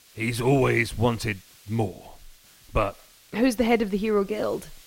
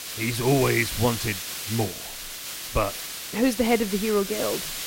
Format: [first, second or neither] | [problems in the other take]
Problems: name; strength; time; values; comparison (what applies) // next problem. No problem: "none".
first | hiss; loud; throughout; 6 dB below the speech; faint in the first